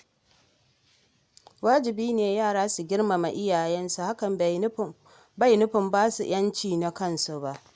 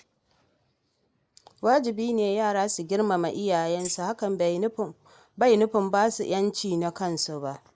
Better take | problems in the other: first | noise reduction (neural mask model Resemble Enhance denoiser)

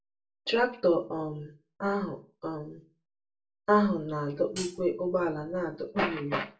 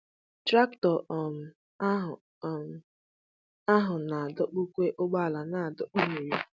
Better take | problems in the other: second | background sound (Hi-hat); 11 dB below the speech // room echo; dies away in 0.3 s

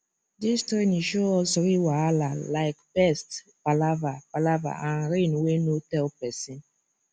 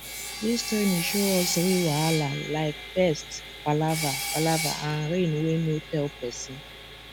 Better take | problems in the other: first | background sound (Sawing); 7 dB below the speech

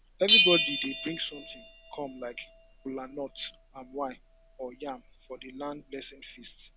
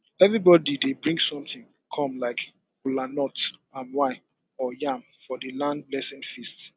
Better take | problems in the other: second | background sound (Bell); 3 dB above the speech

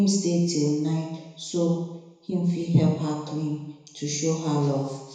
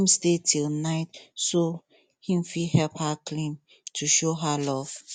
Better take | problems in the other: second | room echo; dies away in 1 s

